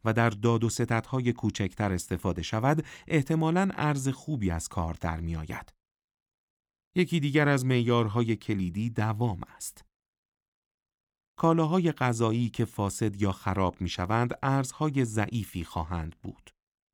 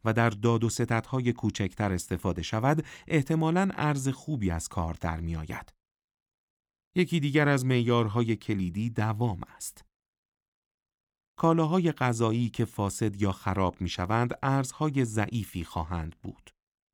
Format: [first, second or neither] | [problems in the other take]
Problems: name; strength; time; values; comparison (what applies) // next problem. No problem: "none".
neither | none